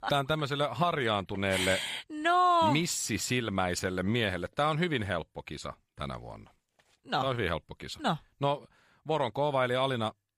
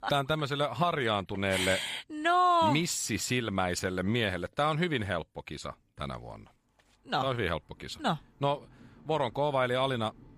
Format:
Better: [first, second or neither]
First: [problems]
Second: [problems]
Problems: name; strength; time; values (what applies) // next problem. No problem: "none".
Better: first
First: none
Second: rain or running water; faint; throughout; 30 dB below the speech